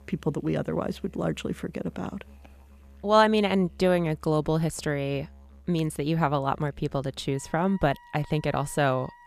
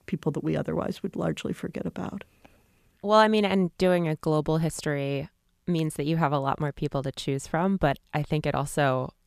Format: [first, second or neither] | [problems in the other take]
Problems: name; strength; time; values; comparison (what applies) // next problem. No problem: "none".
second | background music; faint; throughout; 25 dB below the speech